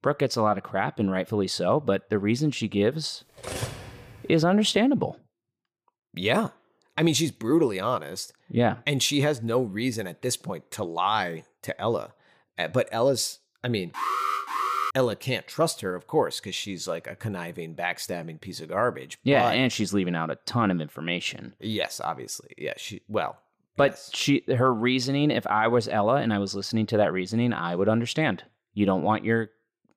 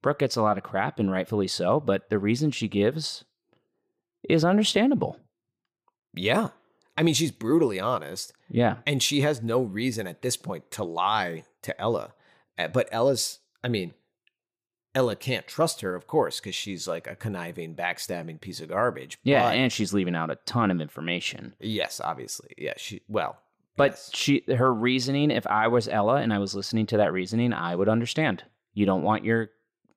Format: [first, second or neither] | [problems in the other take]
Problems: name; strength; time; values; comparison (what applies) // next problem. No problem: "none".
second | clattering dishes; noticeable; at 3.5 s; peak 7 dB below the speech // alarm; noticeable; at 14 s; peak level with the speech